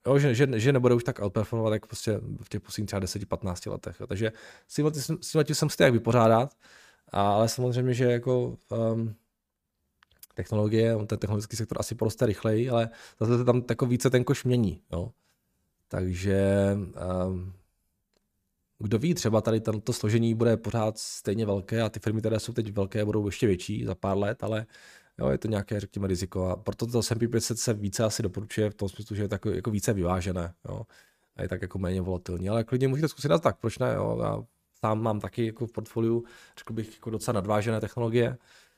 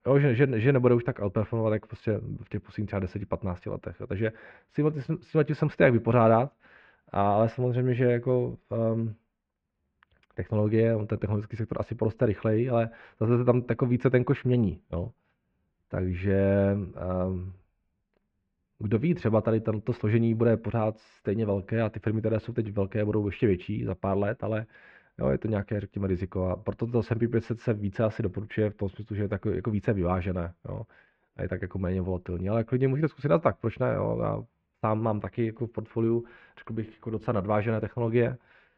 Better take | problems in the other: first | muffled; very; fading above 2.5 kHz

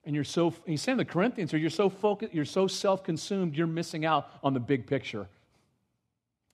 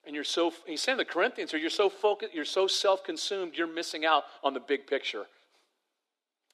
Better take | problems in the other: first | thin; very; fading below 350 Hz

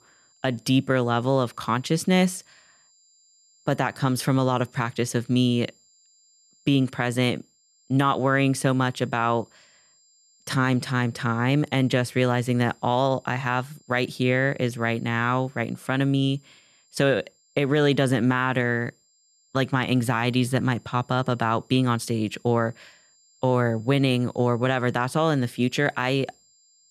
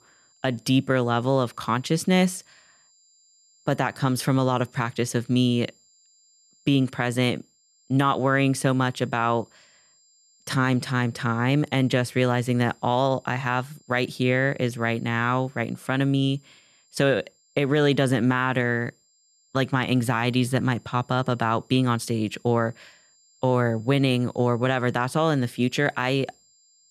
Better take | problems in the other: neither | high-pitched whine; faint; throughout; 7.5 kHz, 35 dB below the speech; the same in both

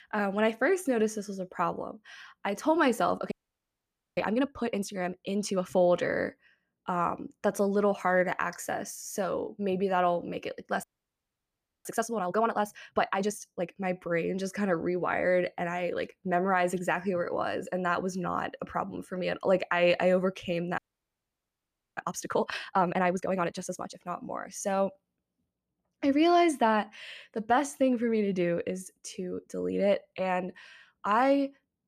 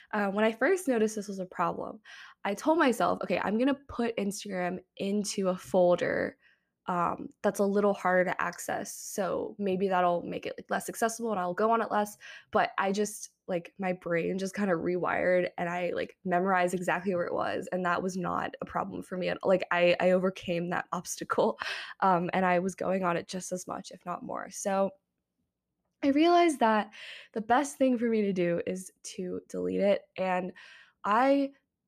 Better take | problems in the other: second | audio freezing; at 3.5 s for 1 s, at 11 s for 1 s and at 21 s for 1 s

